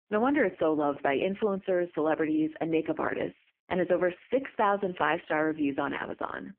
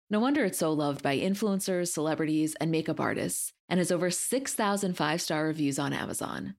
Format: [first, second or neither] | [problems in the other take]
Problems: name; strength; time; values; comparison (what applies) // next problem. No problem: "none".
second | phone-call audio; poor line